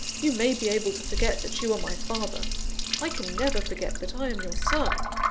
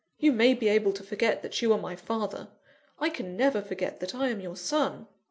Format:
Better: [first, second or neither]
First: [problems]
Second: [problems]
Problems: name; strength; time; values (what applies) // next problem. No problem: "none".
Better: second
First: background sound (Keys jangling + Liquid); 2 dB above the speech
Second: none